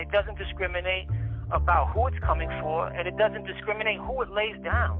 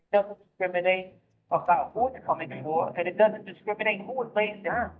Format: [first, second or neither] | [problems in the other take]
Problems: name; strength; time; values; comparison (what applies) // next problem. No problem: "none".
first | noise reduction (neural mask model DeepFilterNet 3)